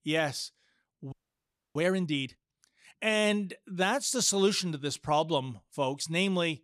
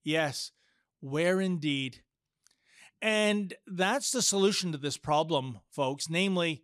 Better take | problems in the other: second | audio freezing; at 1 s for 0.5 s

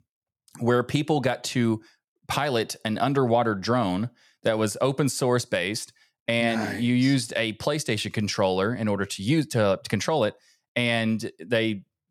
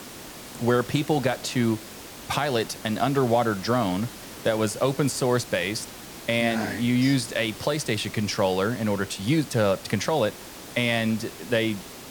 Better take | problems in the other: first | hiss; noticeable; throughout; 15 dB below the speech

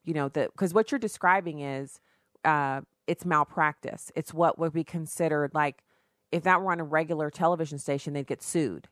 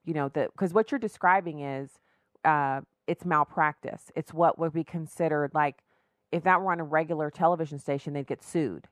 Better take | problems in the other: first | muffled; slightly; fading above 3.5 kHz

